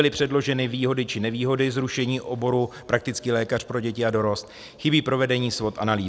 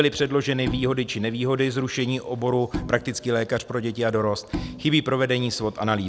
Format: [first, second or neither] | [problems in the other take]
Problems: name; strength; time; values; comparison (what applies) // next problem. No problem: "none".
first | background sound (Bowed string instrument); 12 dB below the speech